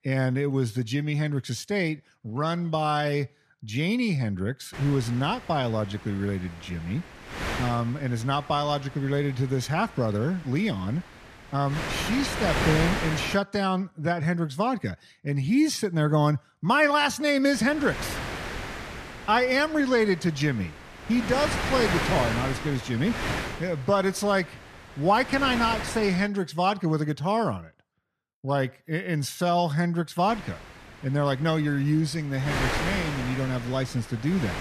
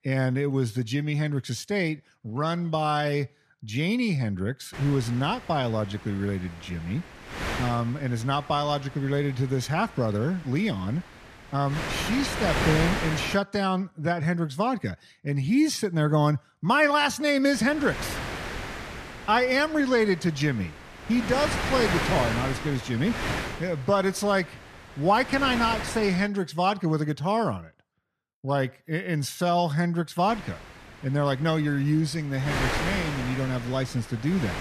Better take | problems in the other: neither | wind noise on the microphone; heavy; from 4.5 to 13 s, from 18 to 26 s and from 30 s on; 4 dB below the speech; the same in both

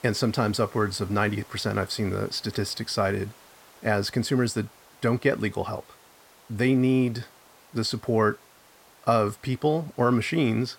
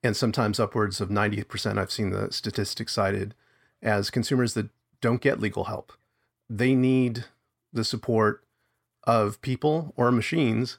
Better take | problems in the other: second | hiss; faint; throughout; 25 dB below the speech

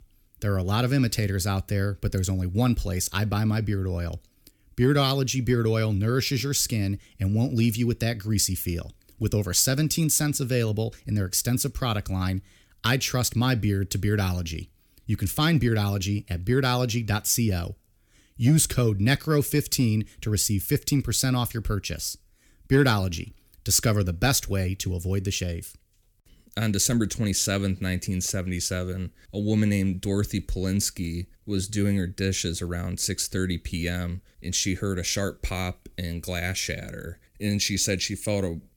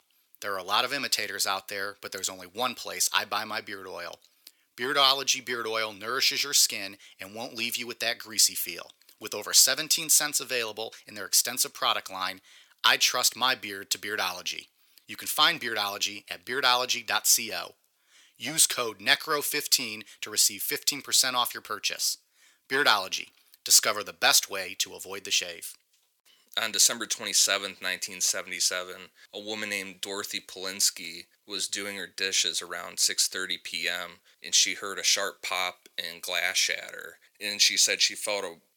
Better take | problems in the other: first | thin; very; fading below 800 Hz

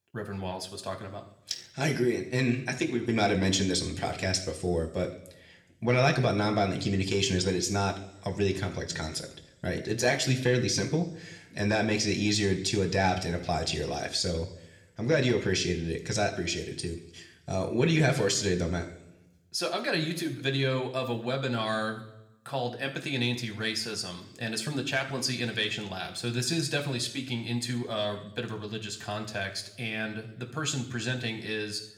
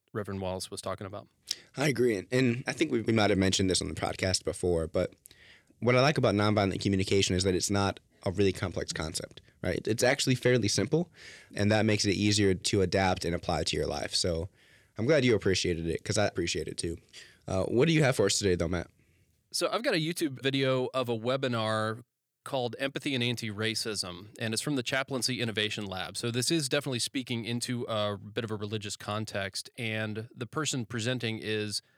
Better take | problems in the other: second | room echo; slight; dies away in 0.7 s

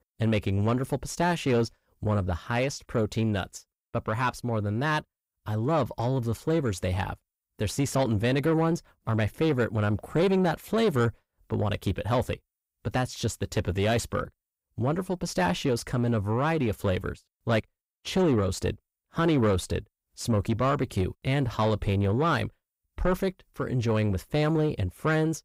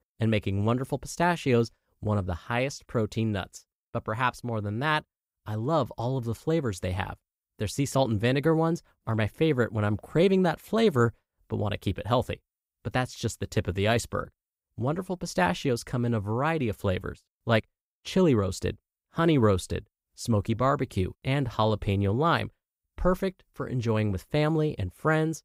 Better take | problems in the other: second | distortion; slight; 10 dB below the speech

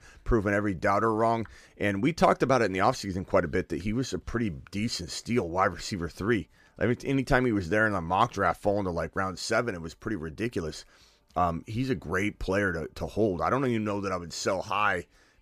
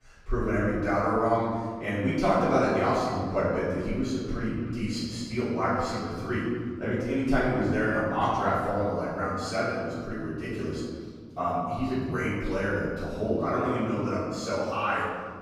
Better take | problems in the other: first | off-mic speech; far // room echo; strong; dies away in 1.7 s

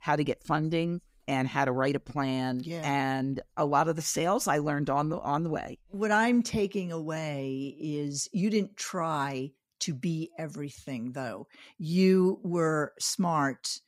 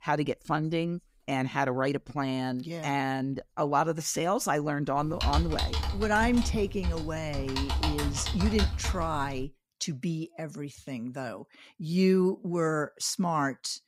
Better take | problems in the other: first | keyboard typing; loud; from 5 to 9.5 s; peak 1 dB above the speech

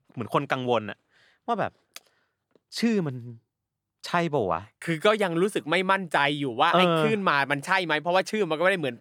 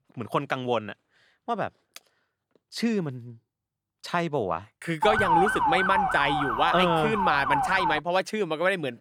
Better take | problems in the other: first | siren; loud; from 5 to 8 s; peak 4 dB above the speech

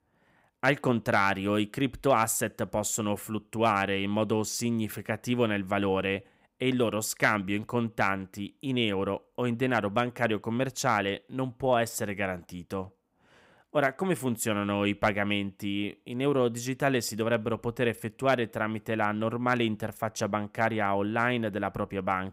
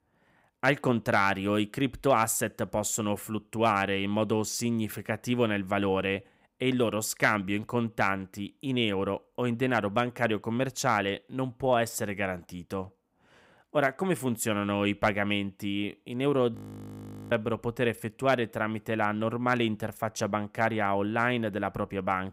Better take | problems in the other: first | audio freezing; at 17 s for 1 s

